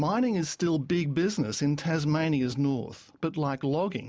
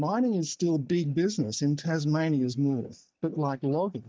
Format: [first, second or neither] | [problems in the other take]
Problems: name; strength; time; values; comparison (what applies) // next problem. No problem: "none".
first | noise reduction (neural mask model DeepFilterNet 3)